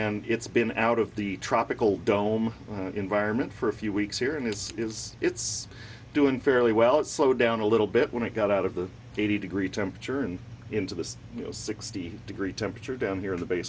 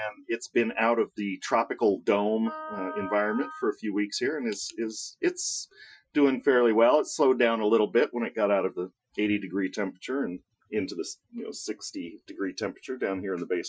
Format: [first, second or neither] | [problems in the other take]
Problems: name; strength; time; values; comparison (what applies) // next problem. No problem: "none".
first | noise reduction (classical method Wiener filter)